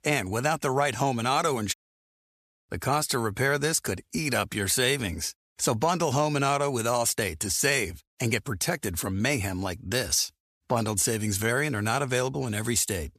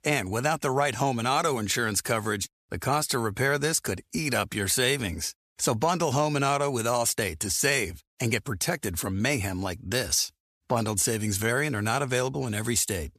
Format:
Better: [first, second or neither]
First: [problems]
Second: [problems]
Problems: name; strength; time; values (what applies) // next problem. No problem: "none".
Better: second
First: audio cutting out; at 1.5 s for 1 s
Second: none